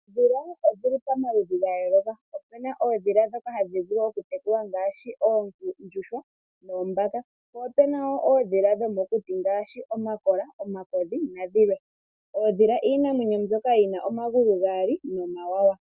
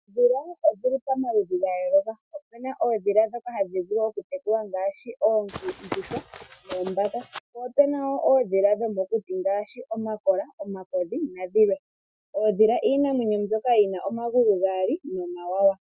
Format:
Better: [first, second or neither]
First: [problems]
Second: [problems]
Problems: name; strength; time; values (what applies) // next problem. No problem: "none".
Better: first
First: none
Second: noise reduction (classical method Wiener filter)